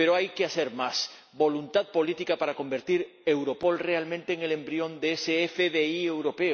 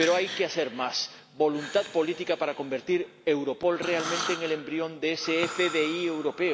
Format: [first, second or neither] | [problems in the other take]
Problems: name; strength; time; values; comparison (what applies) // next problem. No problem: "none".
first | background sound (Breathing); 11 dB below the speech